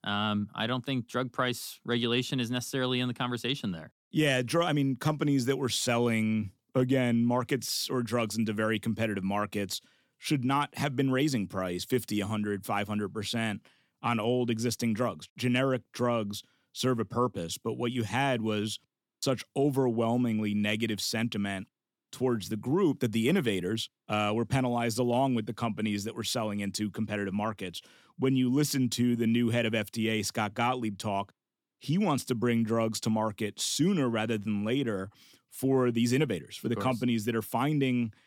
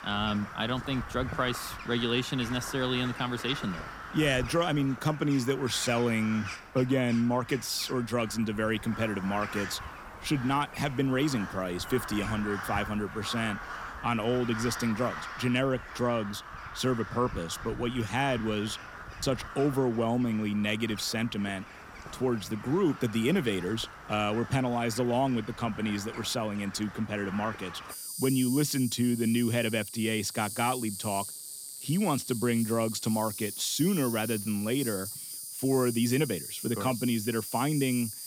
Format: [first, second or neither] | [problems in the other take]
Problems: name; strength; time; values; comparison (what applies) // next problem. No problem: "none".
first | animal sounds; loud; throughout; 10 dB below the speech